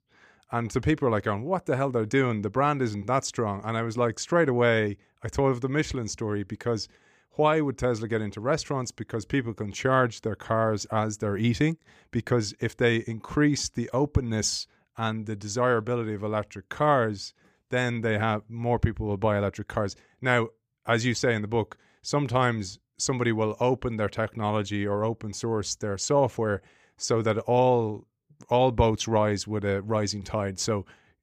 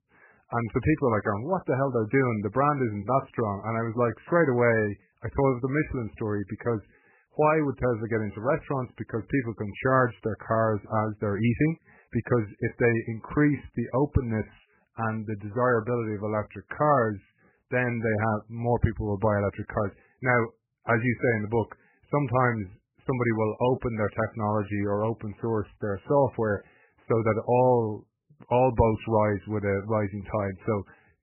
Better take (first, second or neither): first